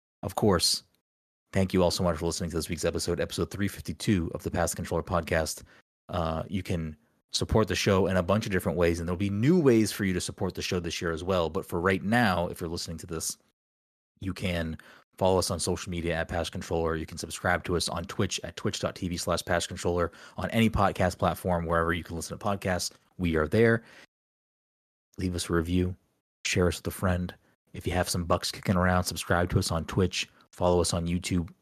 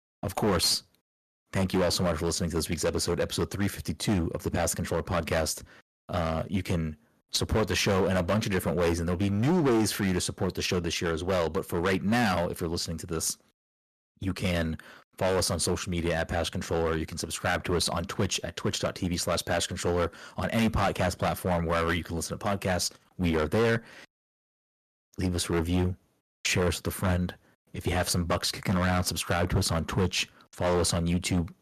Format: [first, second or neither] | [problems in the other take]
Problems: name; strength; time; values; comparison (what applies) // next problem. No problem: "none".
first | distortion; heavy; 9% of the sound clipped